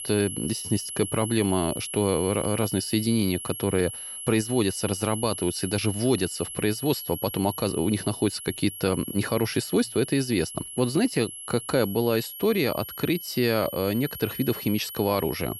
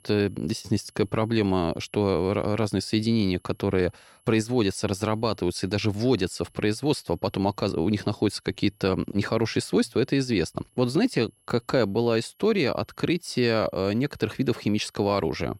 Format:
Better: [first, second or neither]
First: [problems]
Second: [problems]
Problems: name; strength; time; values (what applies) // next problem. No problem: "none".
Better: second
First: high-pitched whine; loud; throughout; 11 kHz, 8 dB below the speech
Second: high-pitched whine; faint; throughout; 11 kHz, 35 dB below the speech